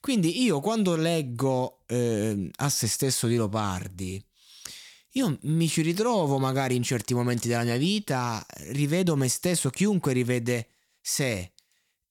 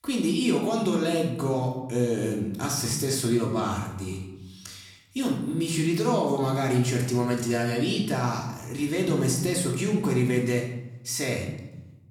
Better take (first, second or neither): first